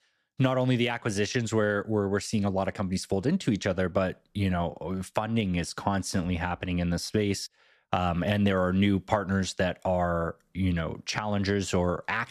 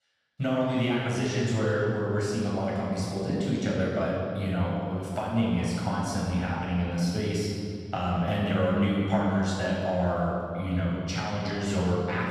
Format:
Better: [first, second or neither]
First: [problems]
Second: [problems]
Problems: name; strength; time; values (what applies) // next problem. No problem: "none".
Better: first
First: none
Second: off-mic speech; far // room echo; strong; dies away in 2.2 s